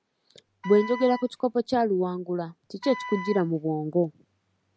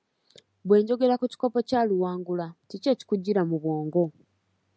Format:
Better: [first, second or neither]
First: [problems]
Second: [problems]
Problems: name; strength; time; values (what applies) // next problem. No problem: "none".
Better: second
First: background sound (Wind instrument, woodwind instrument); 13 dB below the speech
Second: none